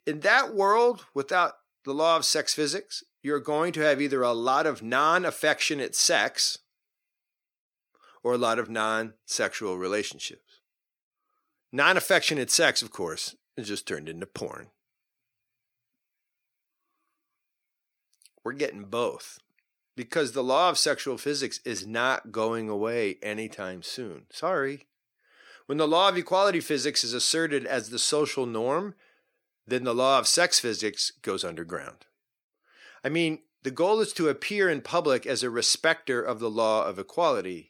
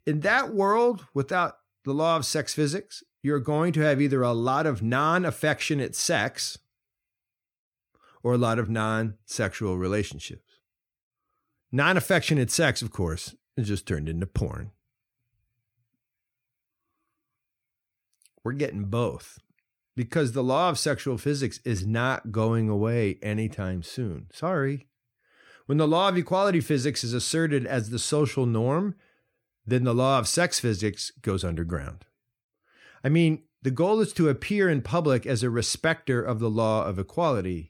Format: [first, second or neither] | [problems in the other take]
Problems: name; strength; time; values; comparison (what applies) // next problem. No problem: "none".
second | thin; somewhat; fading below 400 Hz